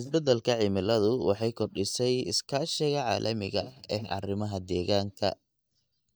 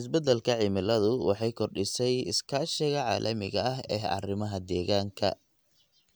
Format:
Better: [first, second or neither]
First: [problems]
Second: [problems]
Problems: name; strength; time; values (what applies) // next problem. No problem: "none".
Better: second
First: noise reduction (neural mask model DeepFilterNet 3)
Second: none